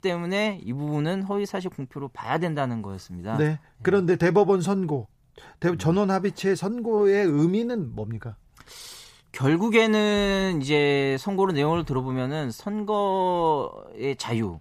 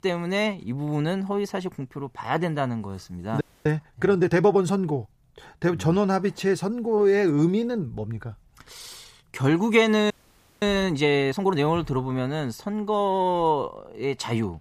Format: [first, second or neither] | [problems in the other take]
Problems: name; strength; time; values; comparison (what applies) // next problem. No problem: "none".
first | audio freezing; at 3.5 s and at 10 s for 0.5 s